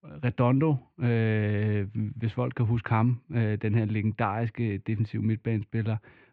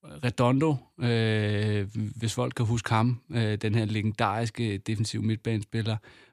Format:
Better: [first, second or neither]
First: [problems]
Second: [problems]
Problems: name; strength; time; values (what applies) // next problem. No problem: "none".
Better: second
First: muffled; very; fading above 2.5 kHz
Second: none